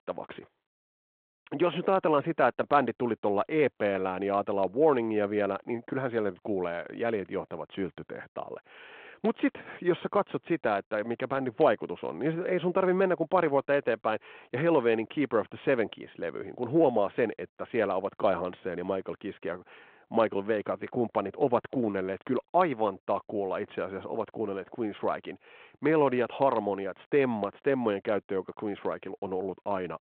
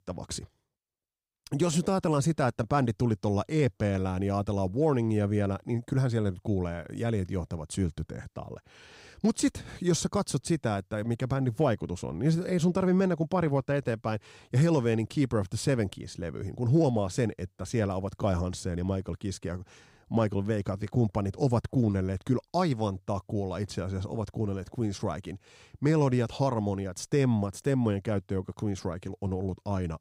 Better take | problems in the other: second | phone-call audio

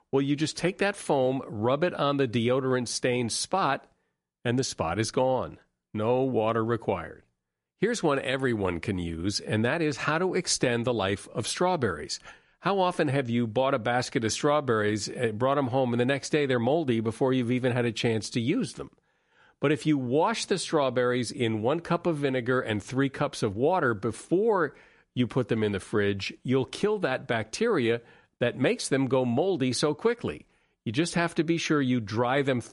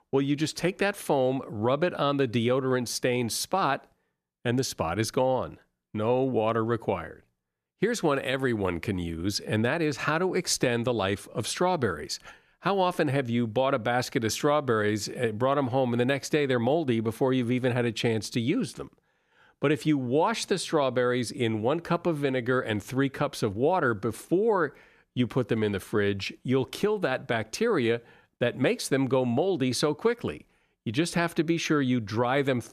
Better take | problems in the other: second | garbled, watery; slightly; nothing above 11 kHz

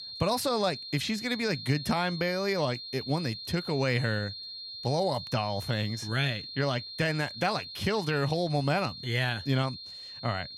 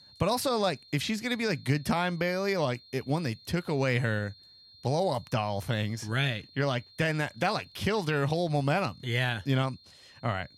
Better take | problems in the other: second | high-pitched whine; loud; throughout; 4 kHz, 9 dB below the speech; faint in the second

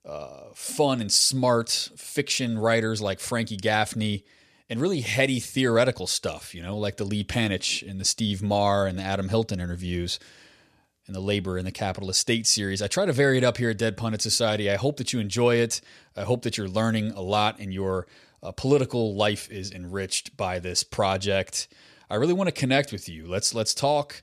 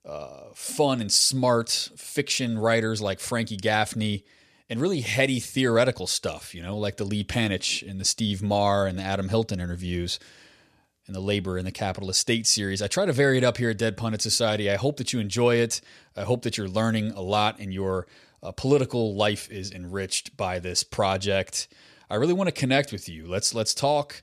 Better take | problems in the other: neither | none

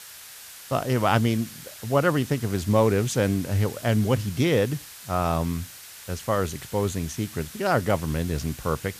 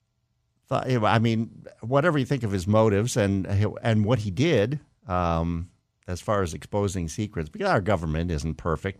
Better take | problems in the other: second | hiss; noticeable; throughout; 15 dB below the speech

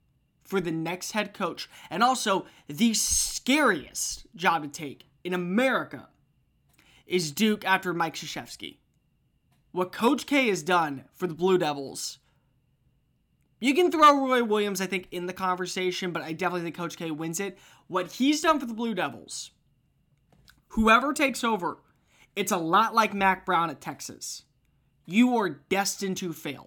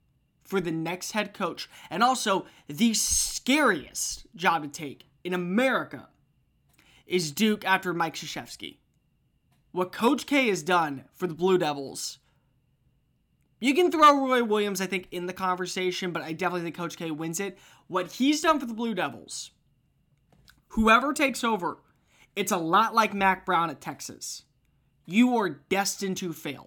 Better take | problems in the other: neither | none

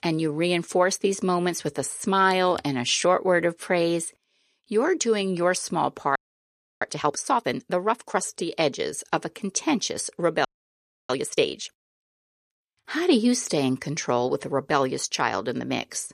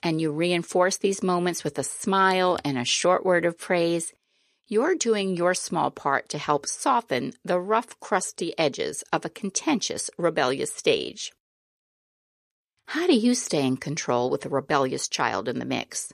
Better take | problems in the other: second | audio freezing; at 6 s for 0.5 s and at 10 s for 0.5 s

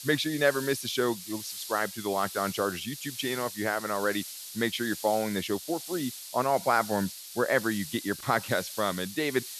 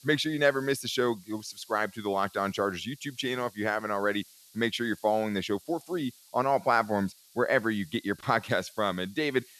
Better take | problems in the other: second | hiss; loud; throughout; 9 dB below the speech; faint in the second

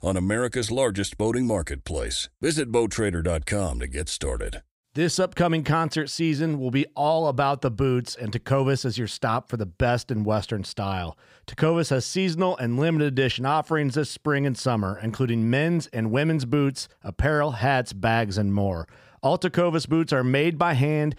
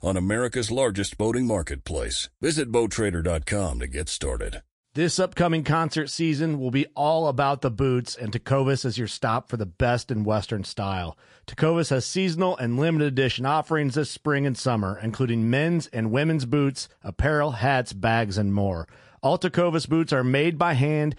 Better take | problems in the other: first | garbled, watery; slightly; nothing above 10 kHz

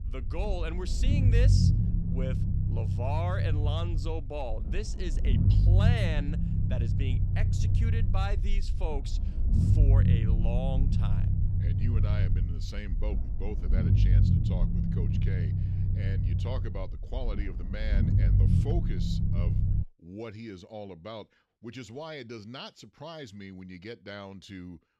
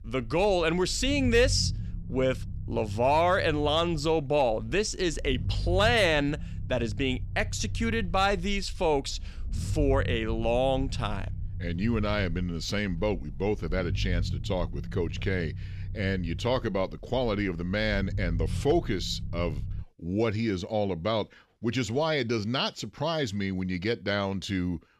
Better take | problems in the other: second | low rumble; loud; until 20 s; 1 dB below the speech; faint in the second

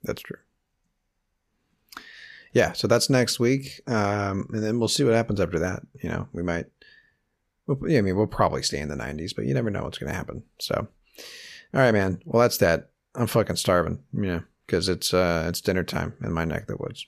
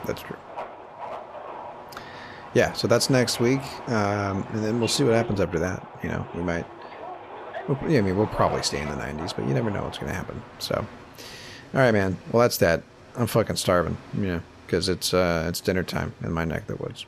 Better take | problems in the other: first | train or aircraft noise; noticeable; throughout; 15 dB below the speech

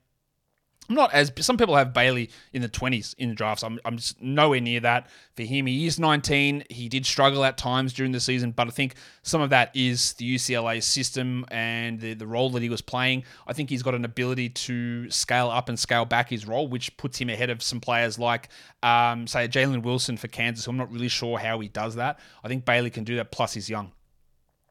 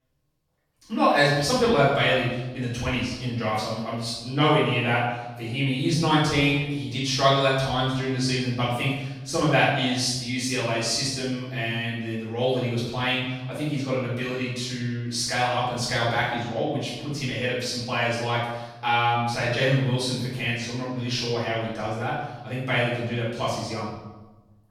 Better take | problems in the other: first | room echo; strong; dies away in 1 s // off-mic speech; far

